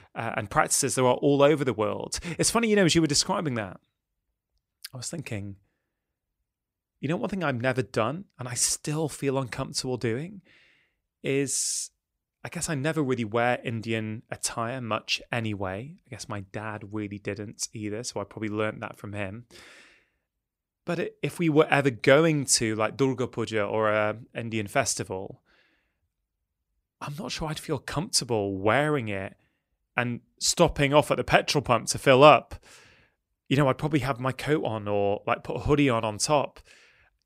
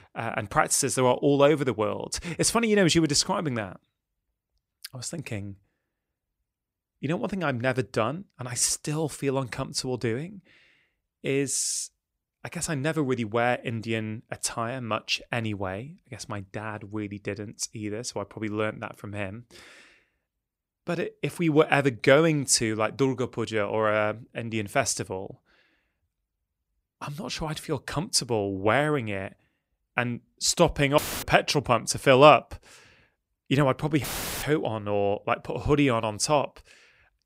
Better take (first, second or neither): first